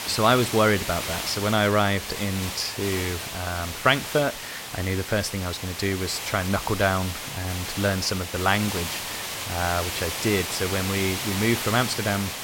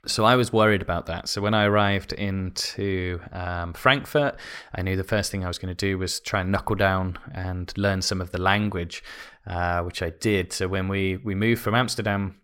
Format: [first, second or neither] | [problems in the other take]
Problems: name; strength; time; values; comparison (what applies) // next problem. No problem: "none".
second | hiss; loud; throughout; 5 dB below the speech